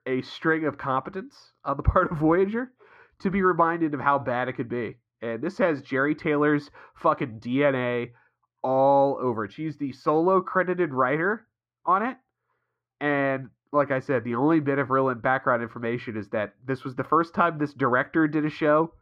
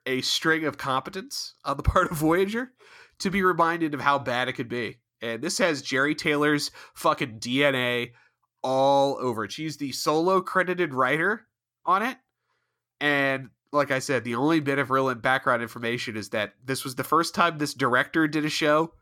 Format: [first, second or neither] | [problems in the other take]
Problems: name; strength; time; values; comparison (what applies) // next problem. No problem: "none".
second | muffled; very; fading above 3.5 kHz